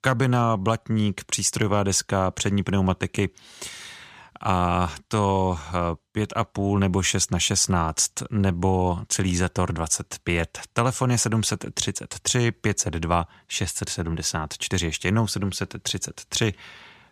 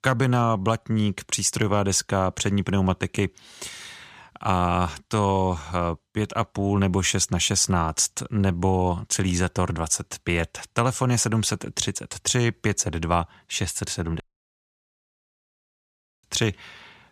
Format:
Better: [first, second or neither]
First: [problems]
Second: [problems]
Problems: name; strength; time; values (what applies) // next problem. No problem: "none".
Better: first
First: none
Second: audio cutting out; at 14 s for 2 s